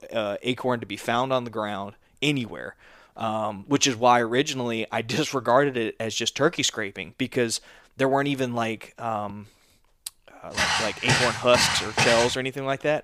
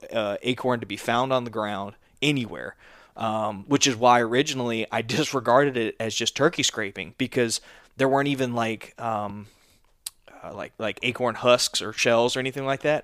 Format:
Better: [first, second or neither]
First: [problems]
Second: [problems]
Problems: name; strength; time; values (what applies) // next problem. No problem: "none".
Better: second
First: footsteps; loud; from 11 to 12 s; peak 3 dB above the speech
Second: none